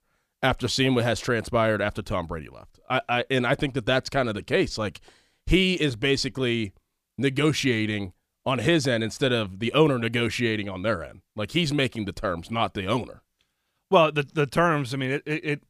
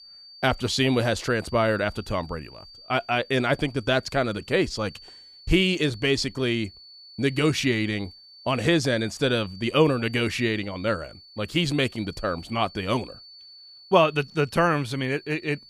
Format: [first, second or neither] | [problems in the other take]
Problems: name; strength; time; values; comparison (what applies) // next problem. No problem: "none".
first | high-pitched whine; faint; throughout; 4.5 kHz, 20 dB below the speech